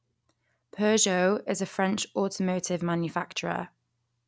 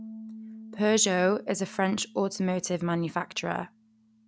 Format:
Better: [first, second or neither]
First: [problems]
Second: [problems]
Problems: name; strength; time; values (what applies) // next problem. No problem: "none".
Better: first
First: none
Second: background sound (Bass guitar); 18 dB below the speech